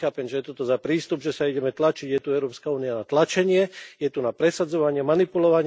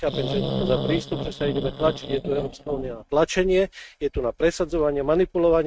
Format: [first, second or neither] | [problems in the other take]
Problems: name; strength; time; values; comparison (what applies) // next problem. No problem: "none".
first | noise reduction (neural mask model RNNoise)